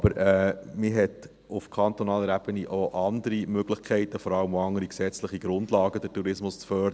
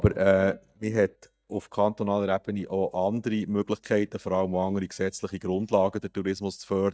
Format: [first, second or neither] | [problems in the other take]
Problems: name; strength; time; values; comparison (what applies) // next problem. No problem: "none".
first | noise reduction (neural mask model DeepFilterNet 3)